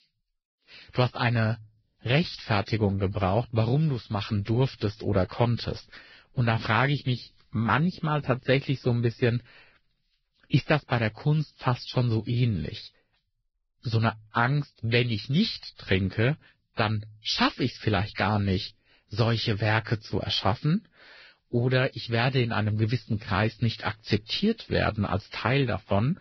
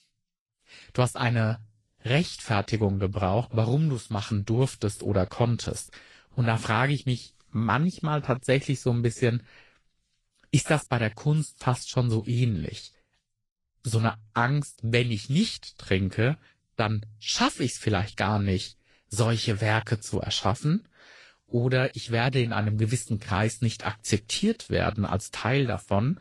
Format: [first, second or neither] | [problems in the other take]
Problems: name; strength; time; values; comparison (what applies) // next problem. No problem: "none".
second | garbled, watery; badly; nothing above 5.5 kHz; slightly in the second